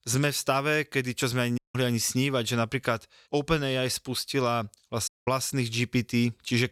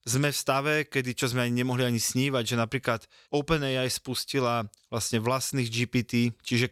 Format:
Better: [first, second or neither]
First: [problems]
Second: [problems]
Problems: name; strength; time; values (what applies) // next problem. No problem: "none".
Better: second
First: audio cutting out; at 1.5 s and at 5 s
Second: none